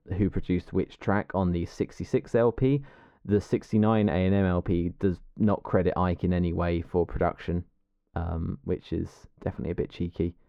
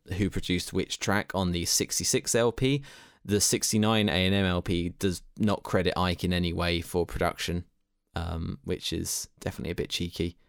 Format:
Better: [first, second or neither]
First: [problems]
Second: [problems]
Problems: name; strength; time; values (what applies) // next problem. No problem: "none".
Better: second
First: muffled; very; fading above 3.5 kHz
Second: none